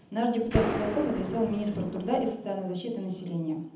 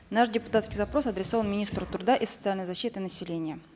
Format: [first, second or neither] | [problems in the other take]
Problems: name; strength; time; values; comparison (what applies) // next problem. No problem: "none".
second | background sound (Gunshot, gunfire); 3 dB below the speech // room echo; dies away in 0.8 s